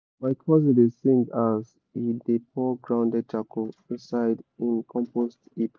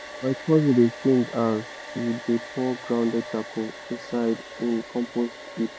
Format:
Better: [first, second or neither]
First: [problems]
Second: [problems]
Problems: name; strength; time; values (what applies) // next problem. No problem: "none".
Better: first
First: none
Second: background sound (Domestic sounds, home sounds); 14 dB below the speech